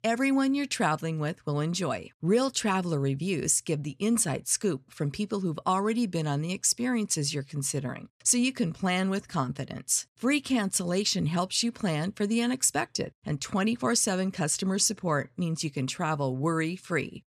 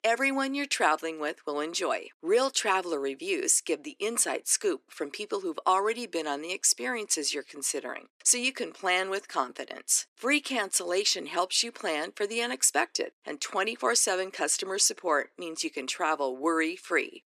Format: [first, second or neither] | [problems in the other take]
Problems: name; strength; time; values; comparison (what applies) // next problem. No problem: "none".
first | thin; somewhat; fading below 300 Hz